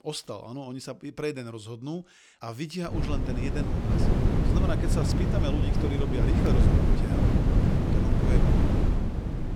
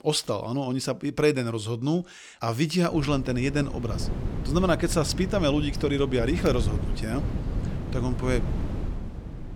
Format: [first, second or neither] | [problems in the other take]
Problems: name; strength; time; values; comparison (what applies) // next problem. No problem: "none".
second | wind noise on the microphone; heavy; from 3 s on; 3 dB above the speech; occasional gusts in the second